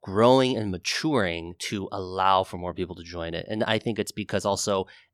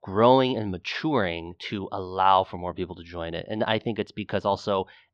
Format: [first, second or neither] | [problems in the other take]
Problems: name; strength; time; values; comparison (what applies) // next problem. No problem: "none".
first | muffled; slightly; fading above 4 kHz